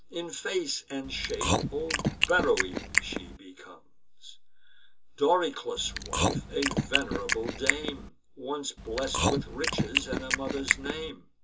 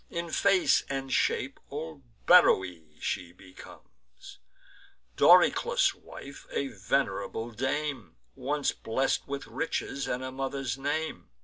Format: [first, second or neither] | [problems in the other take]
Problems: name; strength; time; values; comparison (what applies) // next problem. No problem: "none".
second | background sound (Chewing, mastication); 3 dB above the speech // room echo; dies away in 0.2 s